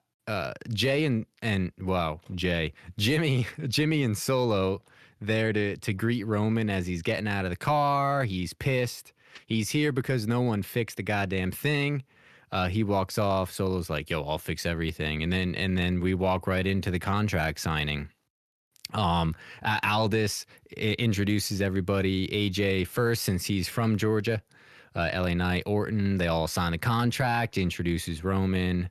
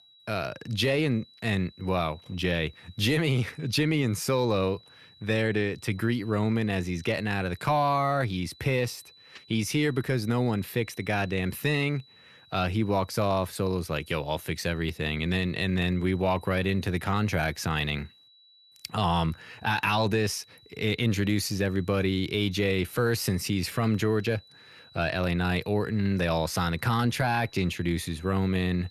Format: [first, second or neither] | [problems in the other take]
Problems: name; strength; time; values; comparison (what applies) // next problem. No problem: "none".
first | high-pitched whine; faint; throughout; 4 kHz, 25 dB below the speech